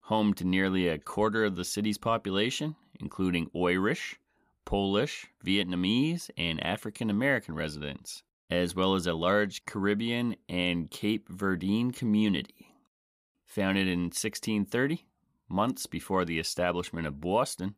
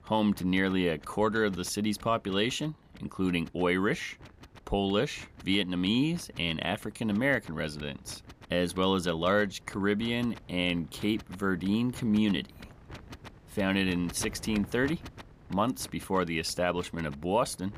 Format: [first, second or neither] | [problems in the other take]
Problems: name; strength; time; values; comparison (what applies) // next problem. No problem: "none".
first | wind noise on the microphone; occasional gusts; 20 dB below the speech